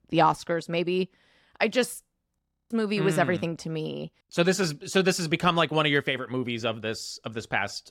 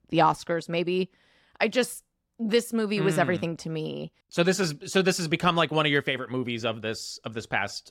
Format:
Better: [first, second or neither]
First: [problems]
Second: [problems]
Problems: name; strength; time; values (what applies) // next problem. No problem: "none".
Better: second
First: audio freezing; at 2.5 s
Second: none